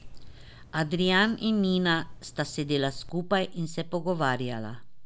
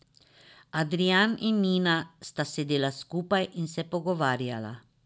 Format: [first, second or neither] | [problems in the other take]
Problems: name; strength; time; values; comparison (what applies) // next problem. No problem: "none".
second | background sound (Drip); 12 dB below the speech